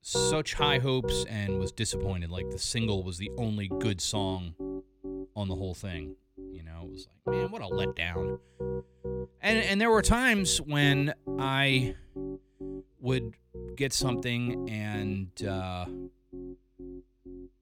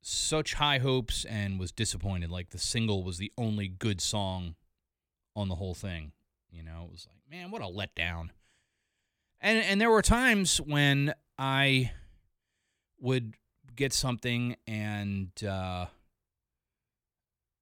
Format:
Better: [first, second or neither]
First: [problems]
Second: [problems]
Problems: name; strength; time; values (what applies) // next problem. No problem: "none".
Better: second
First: background music; loud; throughout; 8 dB below the speech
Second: none